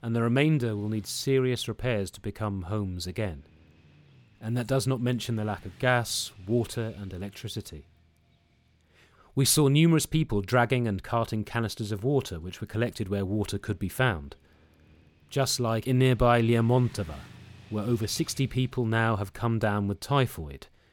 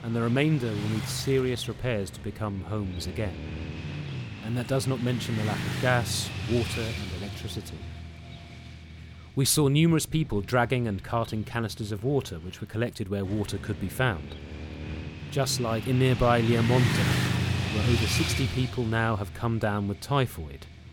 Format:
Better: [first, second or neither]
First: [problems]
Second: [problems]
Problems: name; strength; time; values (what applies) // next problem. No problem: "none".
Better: first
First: traffic noise; faint; throughout; 30 dB below the speech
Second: traffic noise; loud; throughout; 5 dB below the speech